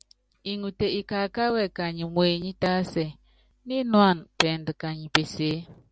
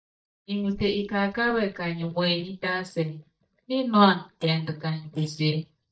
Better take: first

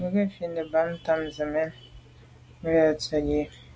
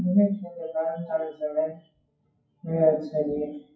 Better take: first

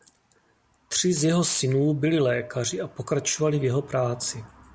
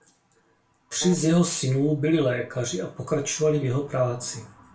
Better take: first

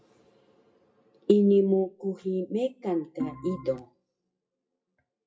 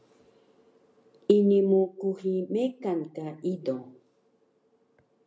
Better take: second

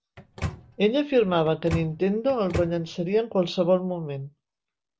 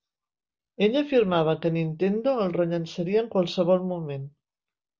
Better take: second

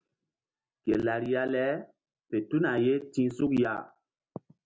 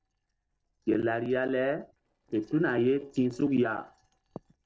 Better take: first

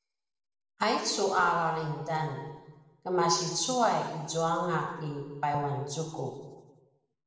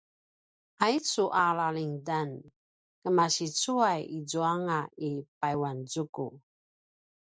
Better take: second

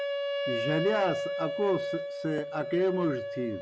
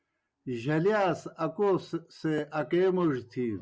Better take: second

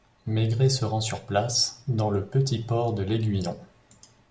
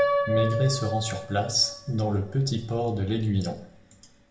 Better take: first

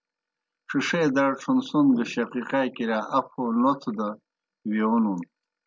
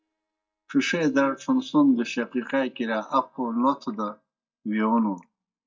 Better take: first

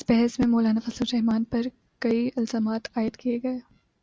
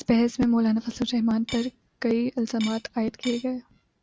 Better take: first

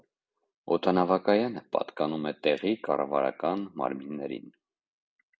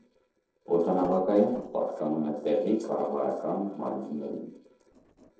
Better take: first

